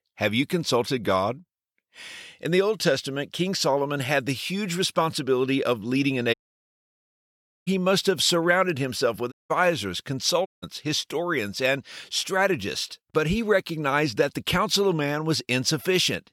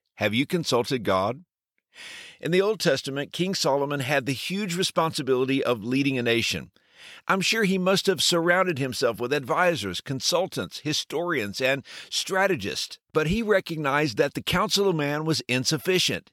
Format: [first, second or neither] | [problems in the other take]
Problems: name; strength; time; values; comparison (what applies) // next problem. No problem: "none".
second | audio cutting out; at 6.5 s for 1.5 s, at 9.5 s and at 10 s